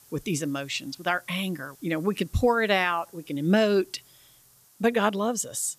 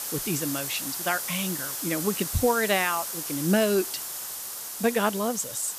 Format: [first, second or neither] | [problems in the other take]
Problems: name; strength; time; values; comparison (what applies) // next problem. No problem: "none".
first | hiss; loud; throughout; 4 dB below the speech; faint in the first